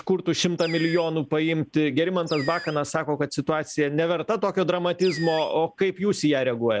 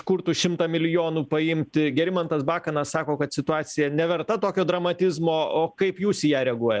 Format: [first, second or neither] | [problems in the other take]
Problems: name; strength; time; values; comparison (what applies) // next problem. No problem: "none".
second | background sound (Animal); 16 dB below the speech